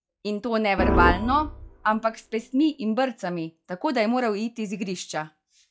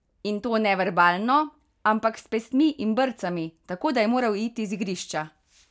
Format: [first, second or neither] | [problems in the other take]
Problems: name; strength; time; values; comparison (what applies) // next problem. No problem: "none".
second | noise reduction (classical method log-MMSE)